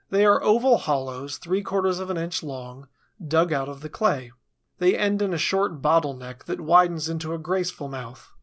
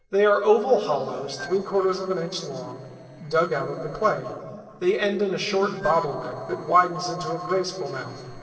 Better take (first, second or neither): first